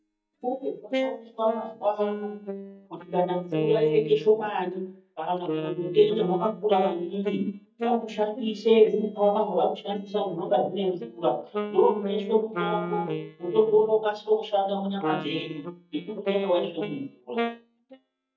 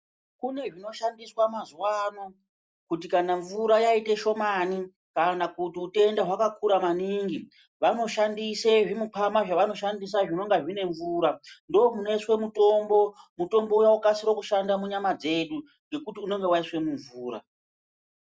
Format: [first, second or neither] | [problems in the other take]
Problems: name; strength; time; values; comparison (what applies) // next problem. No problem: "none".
second | noise reduction (neural mask model DeepFilterNet 3)